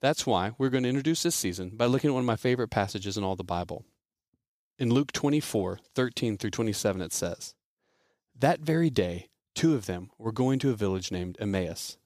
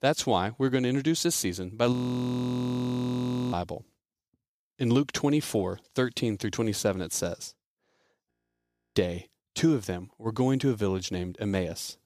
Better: first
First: none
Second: audio freezing; at 2 s for 1.5 s and at 8.5 s for 0.5 s

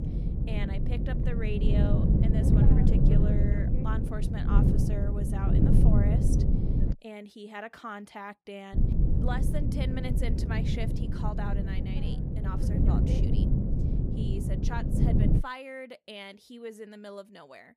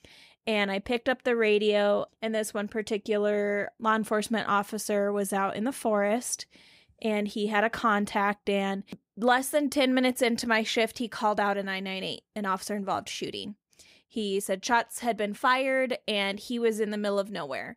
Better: second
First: wind noise on the microphone; heavy; until 7 s and from 9 to 15 s; 3 dB above the speech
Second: none

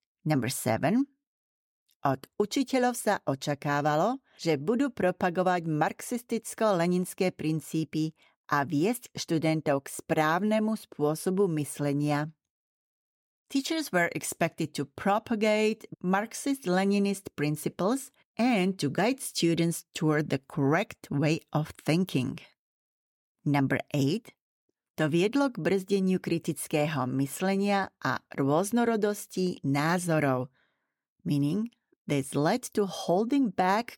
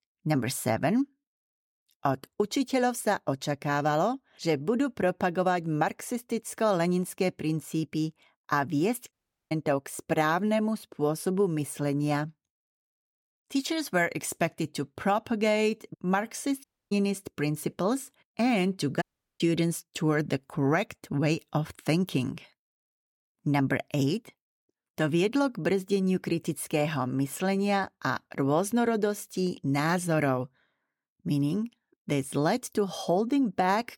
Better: first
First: none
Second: audio cutting out; at 9 s, at 17 s and at 19 s

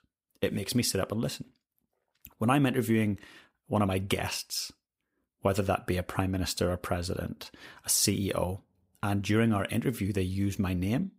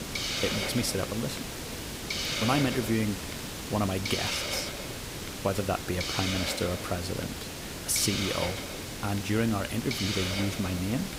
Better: first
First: none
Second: hiss; loud; throughout; 2 dB below the speech

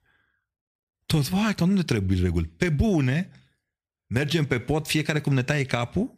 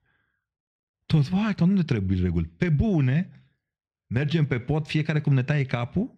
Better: first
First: none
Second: muffled; very slightly; fading above 3.5 kHz

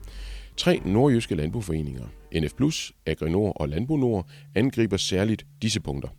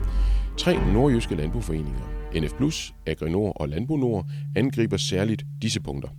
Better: first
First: background music; faint; throughout; 25 dB below the speech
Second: background music; loud; throughout; 6 dB below the speech

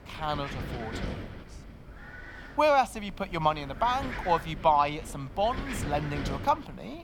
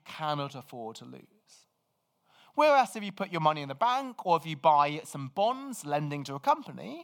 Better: second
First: wind noise on the microphone; occasional gusts; 15 dB below the speech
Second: none

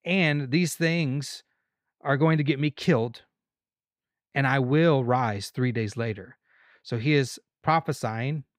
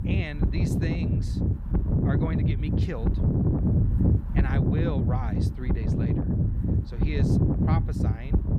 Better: first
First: none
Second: wind noise on the microphone; heavy; 3 dB above the speech

